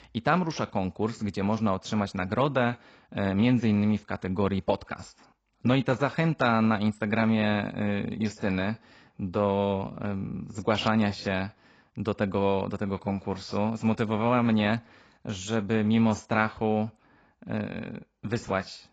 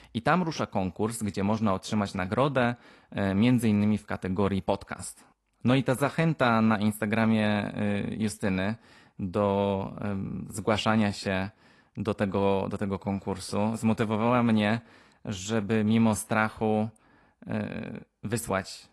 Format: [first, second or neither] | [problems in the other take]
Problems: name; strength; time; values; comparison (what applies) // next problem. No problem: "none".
second | garbled, watery; badly; nothing above 7.5 kHz; slightly in the second